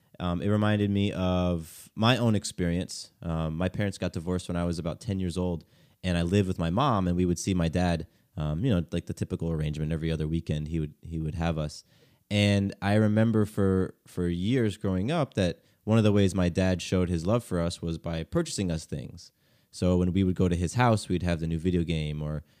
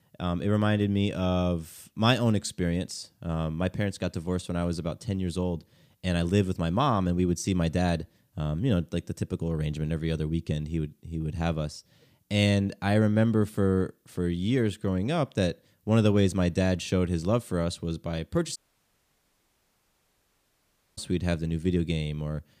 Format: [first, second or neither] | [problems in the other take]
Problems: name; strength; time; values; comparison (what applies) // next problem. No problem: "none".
first | audio cutting out; at 19 s for 2.5 s